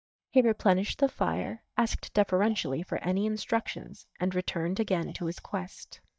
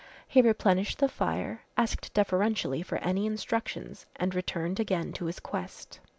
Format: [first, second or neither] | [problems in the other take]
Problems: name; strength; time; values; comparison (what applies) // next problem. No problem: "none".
second | noise reduction (neural mask model DeepFilterNet 3)